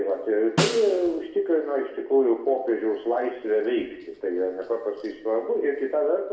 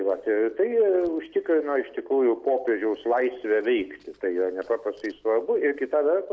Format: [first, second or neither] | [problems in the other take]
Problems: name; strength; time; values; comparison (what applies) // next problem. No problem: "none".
second | background sound (Snare drum); 7 dB below the speech // room echo; dies away in 0.8 s